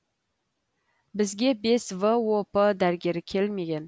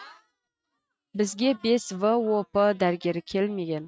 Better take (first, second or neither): first